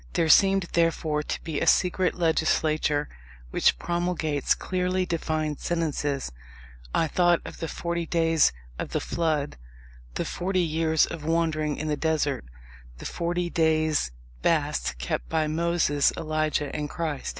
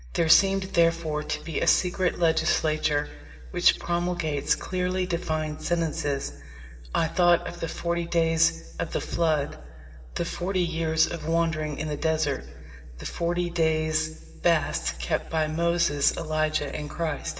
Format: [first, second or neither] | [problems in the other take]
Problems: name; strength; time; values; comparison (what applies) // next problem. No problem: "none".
first | room echo; dies away in 2.5 s